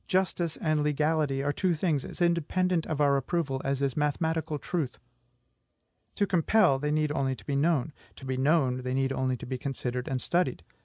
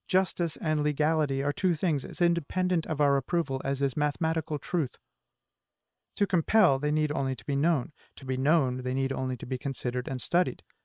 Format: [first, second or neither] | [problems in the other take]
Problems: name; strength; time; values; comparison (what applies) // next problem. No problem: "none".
first | noise reduction (neural separator model SepFormer WHAM!)